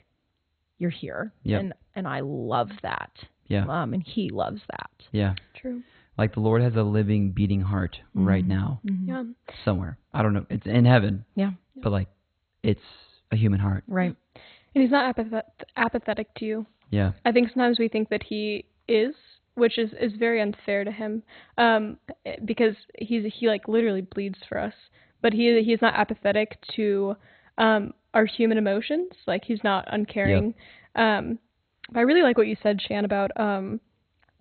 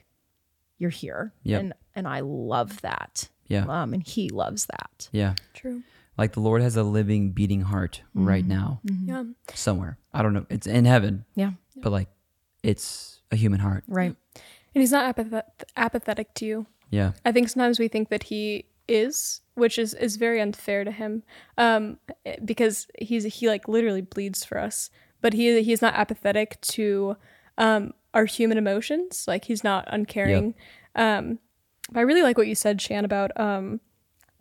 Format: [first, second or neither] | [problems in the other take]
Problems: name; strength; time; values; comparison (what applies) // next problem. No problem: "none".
second | garbled, watery; badly; nothing above 4 kHz